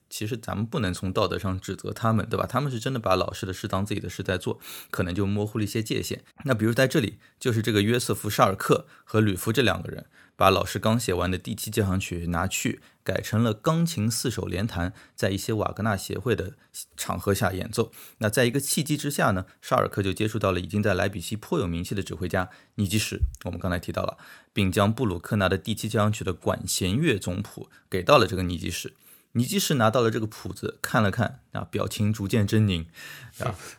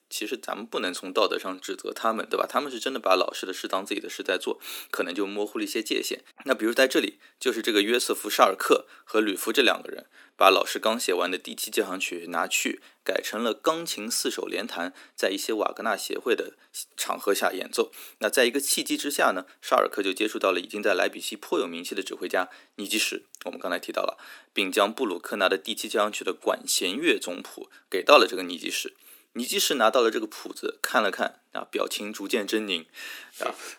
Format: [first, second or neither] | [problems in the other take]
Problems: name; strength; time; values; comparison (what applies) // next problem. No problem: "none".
first | thin; somewhat; fading below 250 Hz